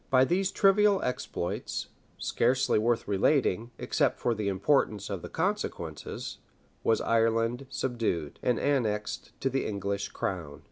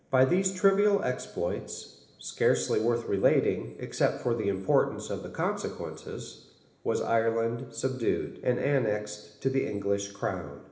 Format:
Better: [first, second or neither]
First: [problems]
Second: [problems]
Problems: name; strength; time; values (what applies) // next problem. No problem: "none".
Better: first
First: none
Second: room echo; dies away in 1 s